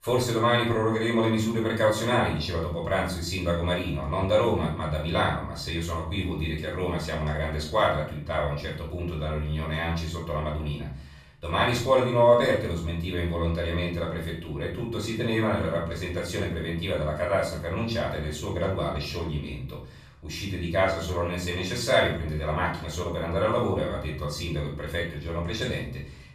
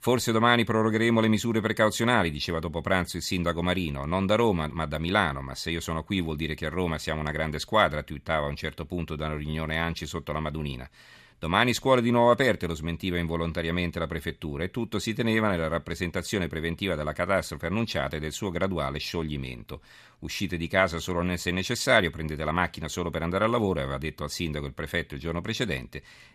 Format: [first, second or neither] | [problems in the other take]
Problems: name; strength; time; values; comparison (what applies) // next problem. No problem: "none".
second | off-mic speech; far // room echo; noticeable; dies away in 0.6 s